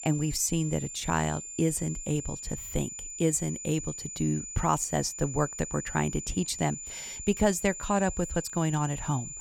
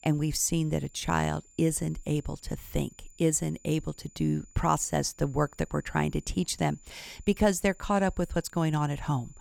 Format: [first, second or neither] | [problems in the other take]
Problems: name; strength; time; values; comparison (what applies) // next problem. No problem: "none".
second | high-pitched whine; loud; throughout; 7 kHz, 8 dB below the speech; faint in the second